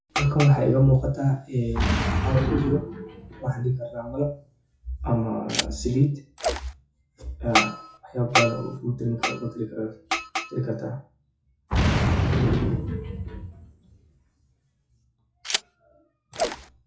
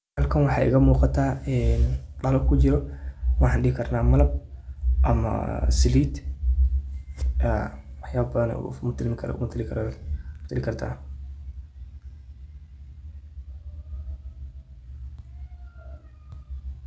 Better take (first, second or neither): second